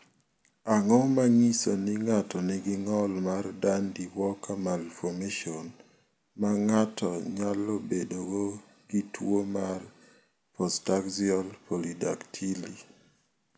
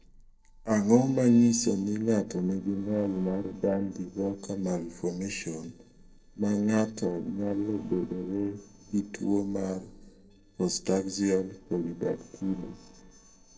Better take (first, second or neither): first